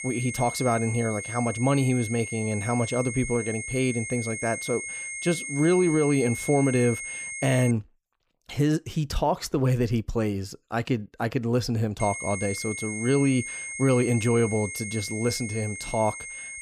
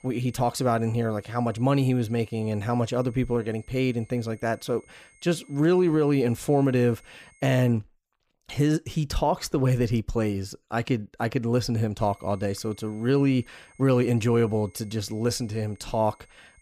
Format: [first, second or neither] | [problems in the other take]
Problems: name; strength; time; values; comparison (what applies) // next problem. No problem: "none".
second | high-pitched whine; loud; until 7.5 s and from 12 s on; 2 kHz, 7 dB below the speech; faint in the second